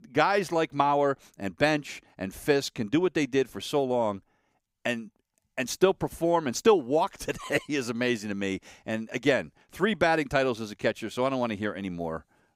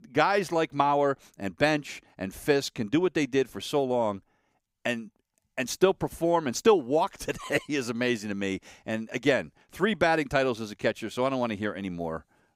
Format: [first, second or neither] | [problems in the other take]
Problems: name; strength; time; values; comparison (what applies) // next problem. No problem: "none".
neither | none